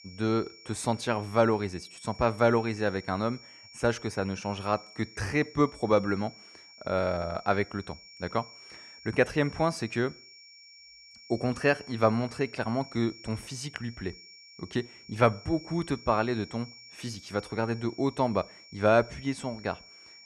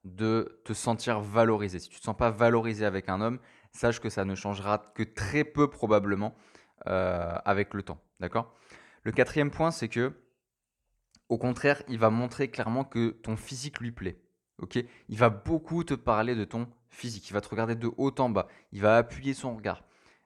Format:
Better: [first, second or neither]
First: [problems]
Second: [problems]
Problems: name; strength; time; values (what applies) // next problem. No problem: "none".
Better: second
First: high-pitched whine; noticeable; throughout; 5.5 kHz, 20 dB below the speech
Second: none